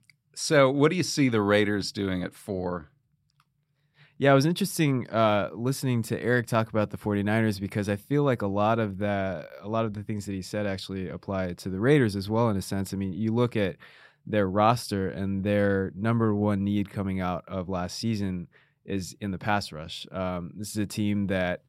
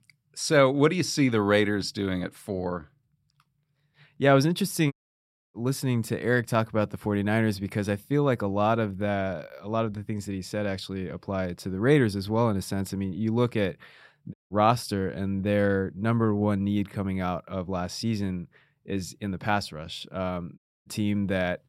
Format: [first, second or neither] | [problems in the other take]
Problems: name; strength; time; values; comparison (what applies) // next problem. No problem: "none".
first | audio cutting out; at 5 s for 0.5 s, at 14 s and at 21 s